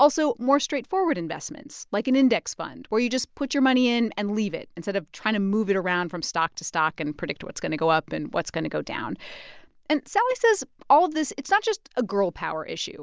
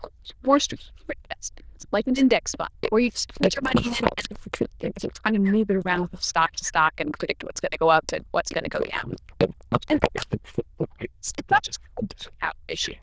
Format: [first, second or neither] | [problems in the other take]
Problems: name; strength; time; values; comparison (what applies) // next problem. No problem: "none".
first | noise reduction (neural diffusion model UNIVERSE++)